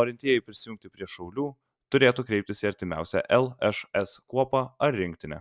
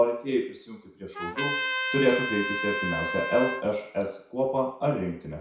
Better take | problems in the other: first | background sound (Trumpet); 3 dB below the speech // room echo; dies away in 0.6 s

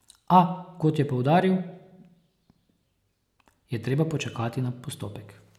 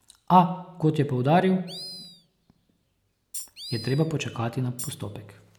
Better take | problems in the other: first | background sound (Tambourine + Animal); 14 dB below the speech

